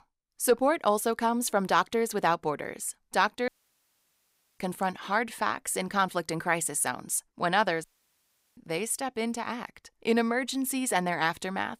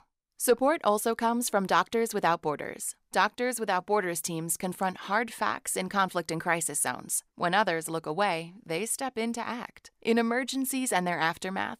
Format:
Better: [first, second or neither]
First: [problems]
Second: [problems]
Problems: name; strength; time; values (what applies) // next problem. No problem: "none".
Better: second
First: audio cutting out; at 3.5 s for 1 s and at 8 s for 0.5 s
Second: none